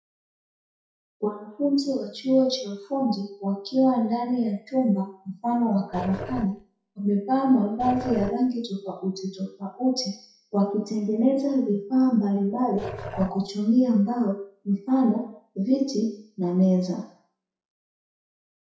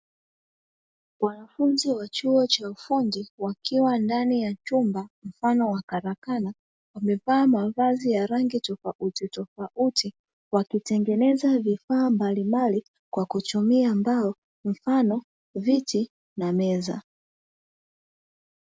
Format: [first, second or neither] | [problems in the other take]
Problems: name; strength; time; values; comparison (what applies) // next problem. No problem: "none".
second | noise reduction (classical method WPE with log-MMSE)